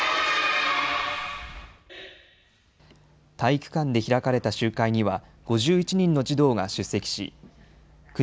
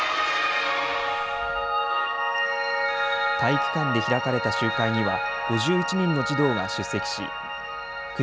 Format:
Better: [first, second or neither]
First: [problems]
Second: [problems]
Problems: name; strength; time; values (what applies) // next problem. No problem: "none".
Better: first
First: none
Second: background sound (Piano); 1 dB above the speech